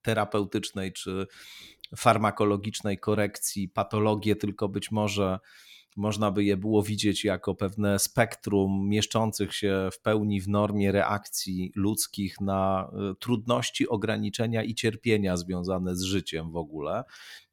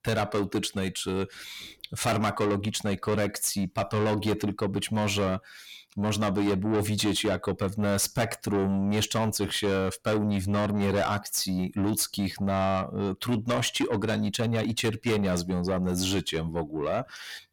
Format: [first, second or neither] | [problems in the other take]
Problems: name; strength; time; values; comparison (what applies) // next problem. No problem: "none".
first | distortion; heavy; 7 dB below the speech